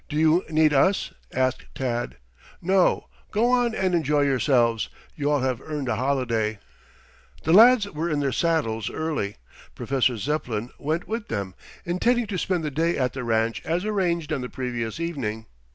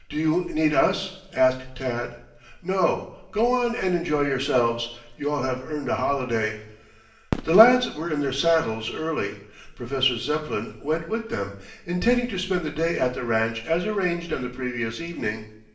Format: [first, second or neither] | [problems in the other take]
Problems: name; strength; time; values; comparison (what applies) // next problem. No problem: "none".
first | background sound (Fireworks); 12 dB below the speech // room echo; dies away in 0.9 s